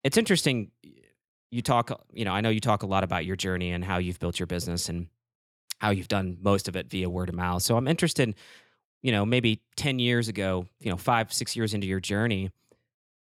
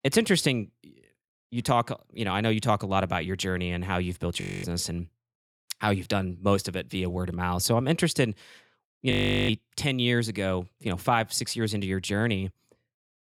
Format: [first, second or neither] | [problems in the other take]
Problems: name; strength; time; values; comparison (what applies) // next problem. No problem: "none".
first | audio freezing; at 4.5 s and at 9 s